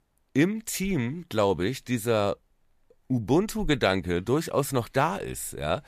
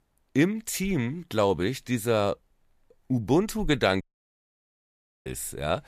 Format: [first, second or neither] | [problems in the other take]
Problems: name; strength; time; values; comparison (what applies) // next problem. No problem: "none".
first | audio cutting out; at 4 s for 1.5 s